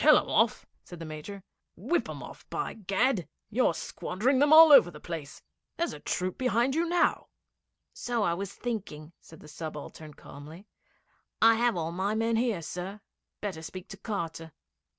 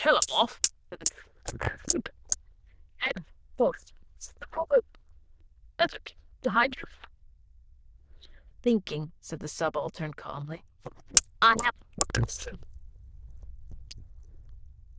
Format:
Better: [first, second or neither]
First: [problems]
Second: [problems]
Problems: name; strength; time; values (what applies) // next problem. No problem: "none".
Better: first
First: none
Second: noise reduction (neural diffusion model UNIVERSE++)